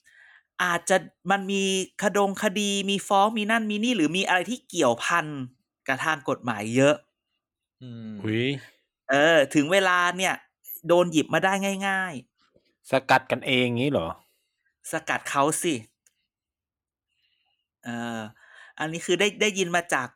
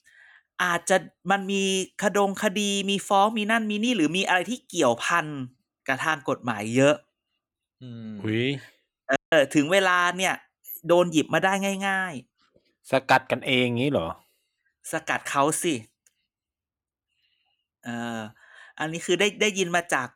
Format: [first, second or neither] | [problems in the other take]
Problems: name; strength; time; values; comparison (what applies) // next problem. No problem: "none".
first | audio cutting out; at 9 s